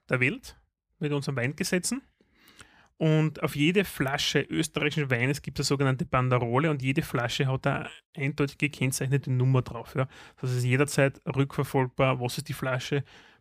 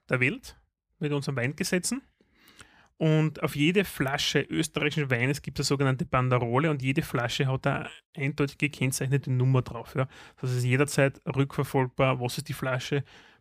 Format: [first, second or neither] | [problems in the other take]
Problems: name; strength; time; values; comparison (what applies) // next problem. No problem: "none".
neither | none